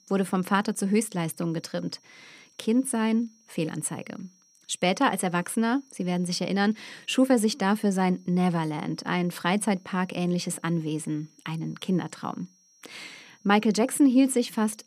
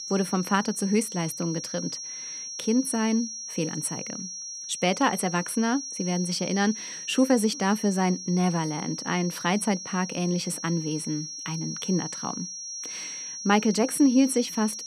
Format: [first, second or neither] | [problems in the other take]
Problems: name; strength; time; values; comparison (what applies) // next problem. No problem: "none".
first | high-pitched whine; loud; throughout; 5.5 kHz, 8 dB below the speech; faint in the first